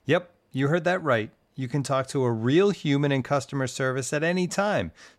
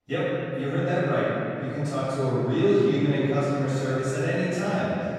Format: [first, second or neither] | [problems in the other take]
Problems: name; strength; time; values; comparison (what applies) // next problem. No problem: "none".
first | off-mic speech; far // room echo; strong; dies away in 2.9 s